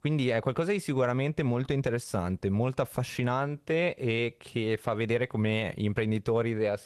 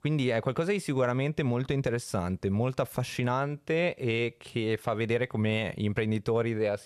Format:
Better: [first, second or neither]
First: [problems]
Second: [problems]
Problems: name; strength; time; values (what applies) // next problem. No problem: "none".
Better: second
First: garbled, watery; slightly; nothing above 13.5 kHz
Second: none